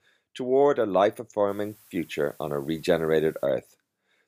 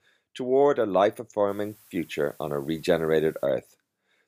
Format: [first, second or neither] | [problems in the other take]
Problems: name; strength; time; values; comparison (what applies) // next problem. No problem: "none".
neither | hiss; faint; from 1.5 to 3.5 s; 30 dB below the speech; the same in both